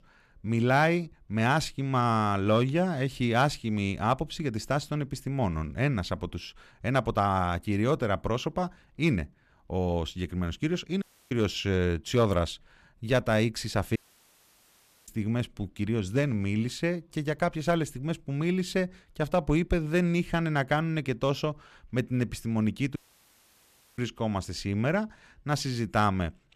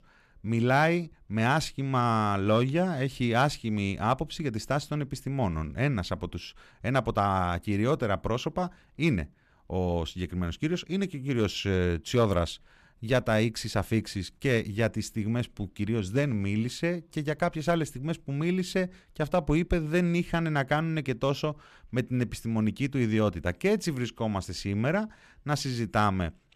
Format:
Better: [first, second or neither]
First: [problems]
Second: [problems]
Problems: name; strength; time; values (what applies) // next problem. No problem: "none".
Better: second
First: audio cutting out; at 11 s, at 14 s for 1 s and at 23 s for 1 s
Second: none